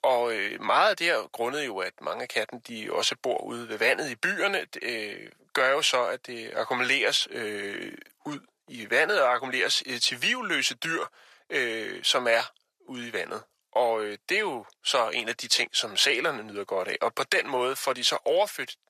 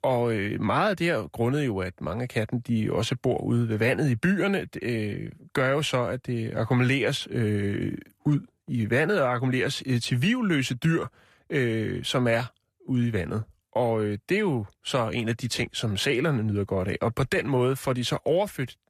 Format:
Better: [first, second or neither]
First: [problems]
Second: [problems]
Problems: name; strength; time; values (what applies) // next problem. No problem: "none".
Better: second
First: thin; very; fading below 650 Hz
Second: none